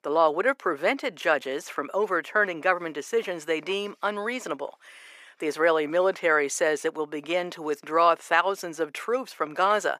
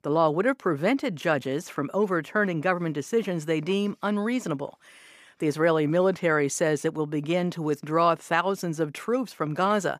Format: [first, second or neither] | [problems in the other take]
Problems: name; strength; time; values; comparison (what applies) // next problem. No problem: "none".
second | thin; somewhat; fading below 450 Hz